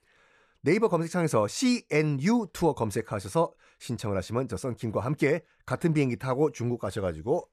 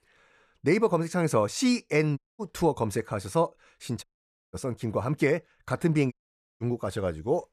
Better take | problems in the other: first | audio cutting out; at 2 s, at 4 s and at 6 s

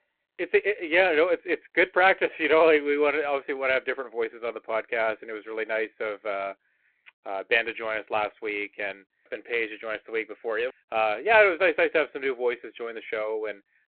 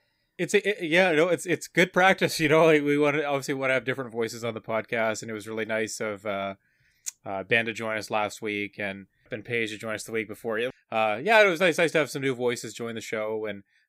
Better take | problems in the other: second | phone-call audio

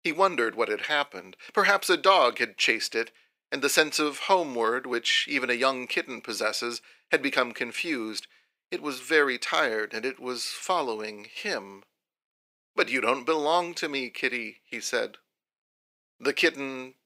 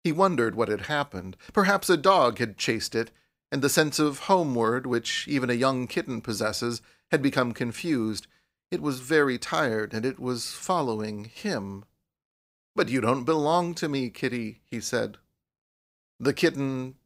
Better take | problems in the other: second | thin; somewhat; fading below 400 Hz

